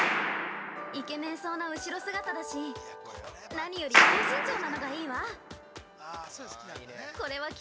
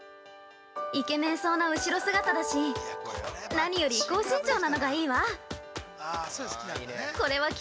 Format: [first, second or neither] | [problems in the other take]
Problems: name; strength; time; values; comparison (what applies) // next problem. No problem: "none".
second | background sound (Clapping); 5 dB above the speech